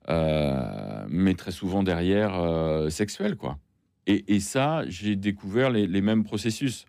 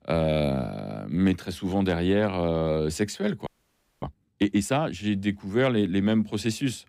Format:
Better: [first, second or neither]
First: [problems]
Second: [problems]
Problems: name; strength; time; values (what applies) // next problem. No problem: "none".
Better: first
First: none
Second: audio freezing; at 3.5 s for 0.5 s